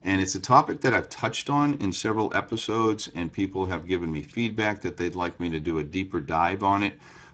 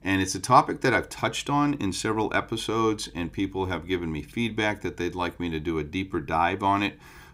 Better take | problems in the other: second | garbled, watery; badly; nothing above 7.5 kHz

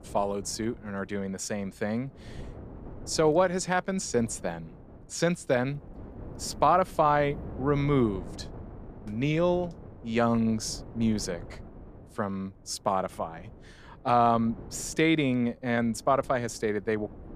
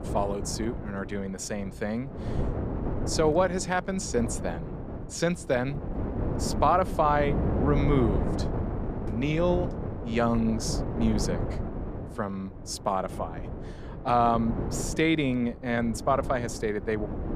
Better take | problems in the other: first | wind noise on the microphone; heavy; 10 dB below the speech; occasional gusts in the first

